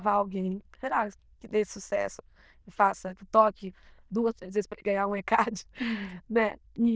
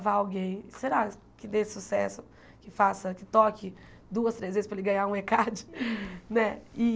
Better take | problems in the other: second | noise reduction (neural diffusion model UNIVERSE++)

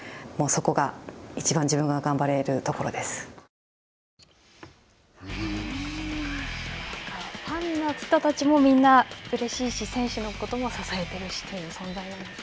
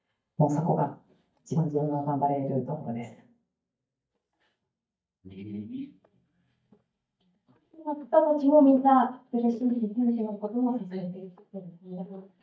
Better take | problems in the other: first | noise reduction (neural mask model DeepFilterNet 3)

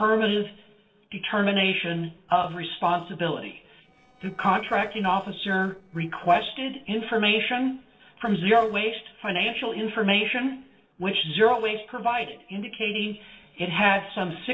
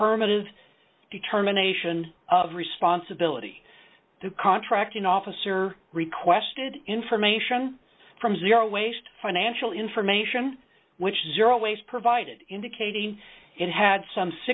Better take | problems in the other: second | noise reduction (neural separator model SepFormer DNS4)

